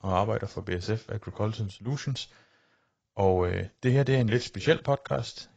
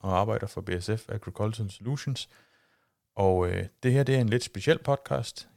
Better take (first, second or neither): second